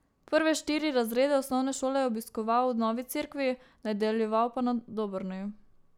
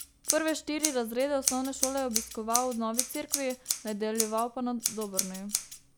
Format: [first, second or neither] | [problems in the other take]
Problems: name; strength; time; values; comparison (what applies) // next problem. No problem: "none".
first | background sound (Scissors); 3 dB below the speech